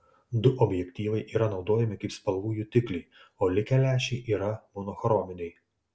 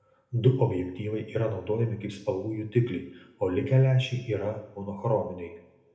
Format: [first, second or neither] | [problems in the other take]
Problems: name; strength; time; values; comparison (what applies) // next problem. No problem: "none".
first | room echo; dies away in 0.9 s